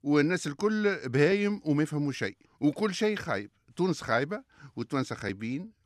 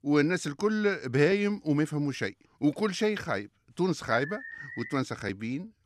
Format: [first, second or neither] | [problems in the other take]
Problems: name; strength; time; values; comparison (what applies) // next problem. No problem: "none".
first | alarm; faint; at 4 s; peak 10 dB below the speech